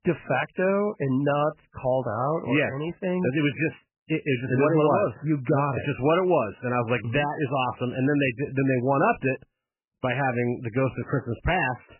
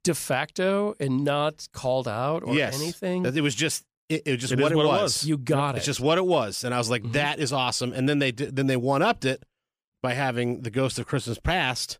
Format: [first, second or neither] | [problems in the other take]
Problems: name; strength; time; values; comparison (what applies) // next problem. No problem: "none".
second | garbled, watery; badly; nothing above 3 kHz